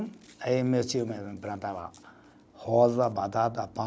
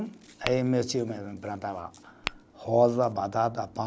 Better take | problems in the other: first | background sound (Tap / Glass); 15 dB below the speech

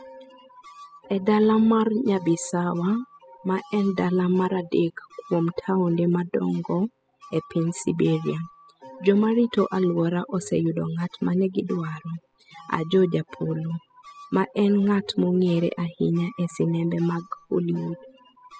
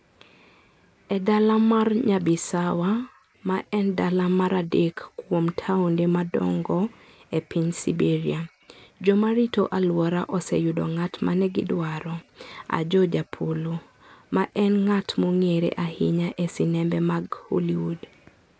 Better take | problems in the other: second | noise reduction (classical method spectral subtraction)

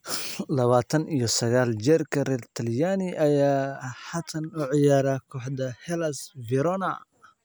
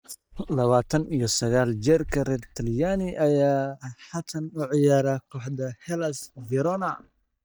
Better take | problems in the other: first | noise reduction (neural mask model DeepFilterNet 3)

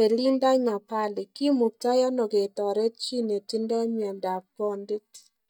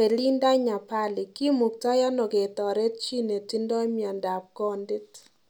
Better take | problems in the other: second | noise reduction (neural mask model DeepFilterNet 3)

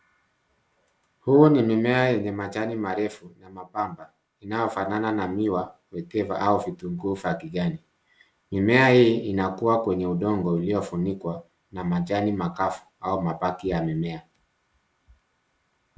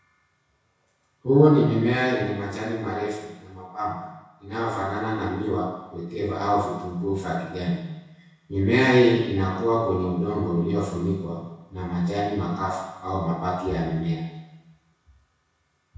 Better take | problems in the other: first | room echo; dies away in 1 s

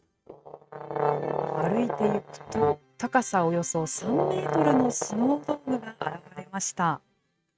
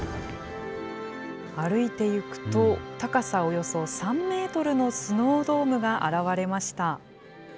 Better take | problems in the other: second | noise reduction (neural mask model RNNoise)

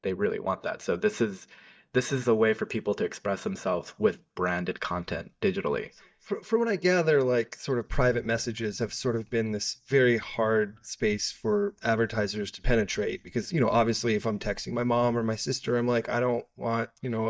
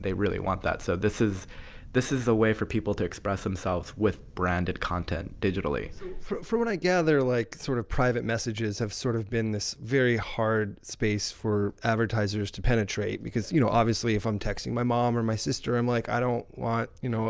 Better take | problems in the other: second | noise reduction (neural mask model DeepFilterNet 3)

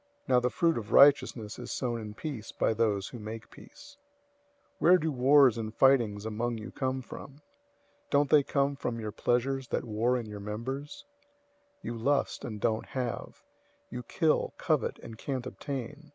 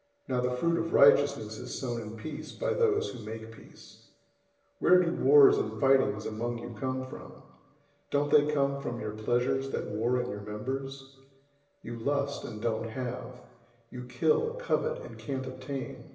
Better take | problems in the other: first | room echo; dies away in 1 s

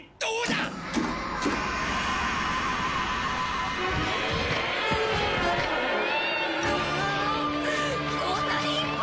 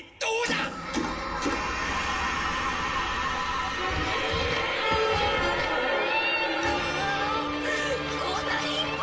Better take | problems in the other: first | room echo; dies away in 1.6 s

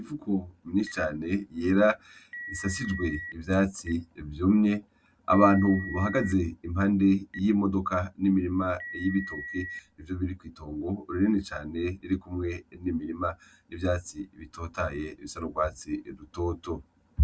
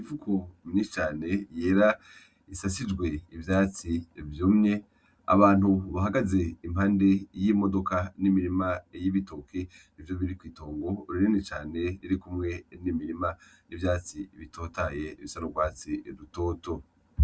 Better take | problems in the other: second | background sound (Telephone); 15 dB below the speech

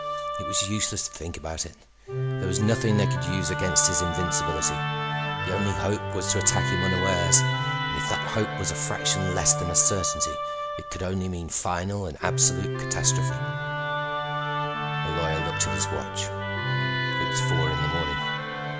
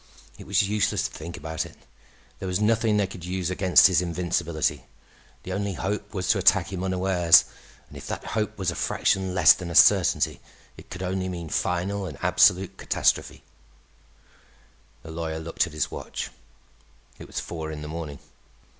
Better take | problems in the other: second | background sound (Musical instrument); as loud as the speech

